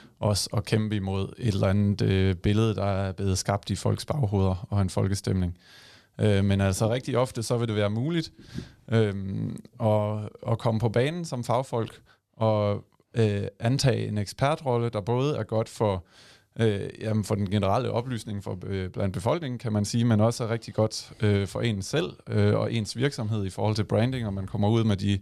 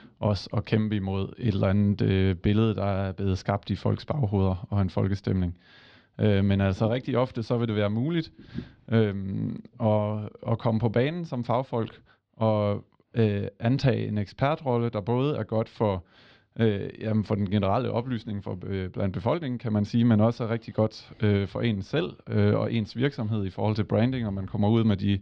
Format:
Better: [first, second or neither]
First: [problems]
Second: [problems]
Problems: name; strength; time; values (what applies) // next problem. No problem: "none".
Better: first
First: none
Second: muffled; slightly; fading above 4 kHz